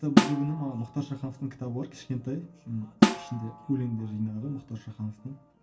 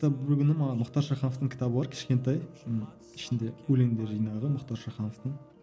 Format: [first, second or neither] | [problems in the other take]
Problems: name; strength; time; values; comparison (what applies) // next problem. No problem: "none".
second | background sound (Snare drum); 4 dB above the speech // room echo; dies away in 0.2 s